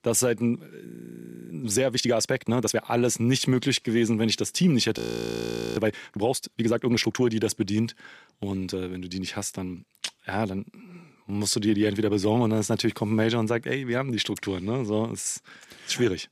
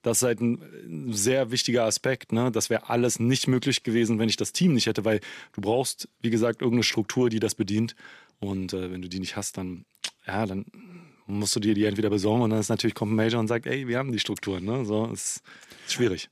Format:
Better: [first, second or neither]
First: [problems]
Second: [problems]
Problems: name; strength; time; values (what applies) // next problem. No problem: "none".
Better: second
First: audio freezing; at 1 s for 0.5 s and at 5 s for 1 s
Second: none